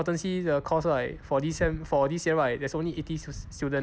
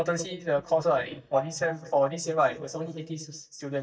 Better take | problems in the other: first | noise reduction (neural mask model DeepFilterNet 3)

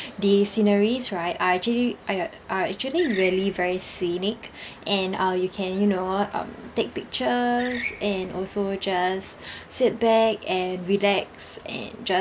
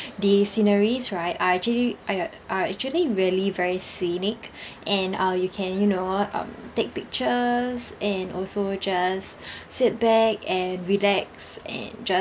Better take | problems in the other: second | background sound (Screech); 13 dB below the speech

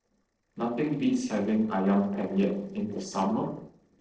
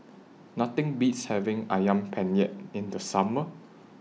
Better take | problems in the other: second | noise reduction (neural separator model SepFormer DNS4)

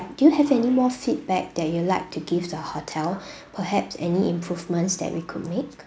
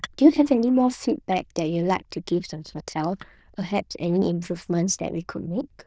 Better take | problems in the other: first | noise reduction (neural diffusion model UNIVERSE++)

